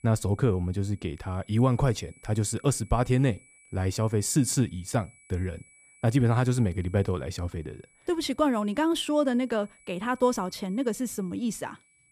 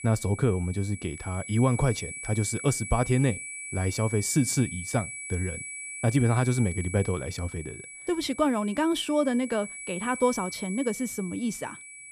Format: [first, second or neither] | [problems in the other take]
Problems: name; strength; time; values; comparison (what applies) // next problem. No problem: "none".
first | high-pitched whine; loud; throughout; 2.5 kHz, 10 dB below the speech; faint in the first